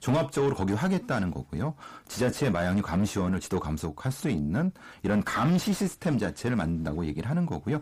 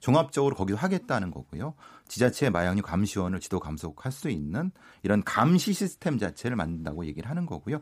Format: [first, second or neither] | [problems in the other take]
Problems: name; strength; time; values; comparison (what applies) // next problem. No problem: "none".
second | distortion; heavy; 8 dB below the speech